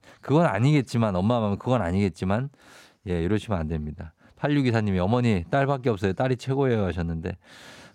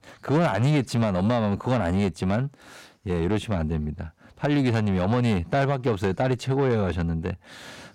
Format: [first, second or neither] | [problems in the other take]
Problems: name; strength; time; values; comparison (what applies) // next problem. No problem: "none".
first | distortion; slight; 10 dB below the speech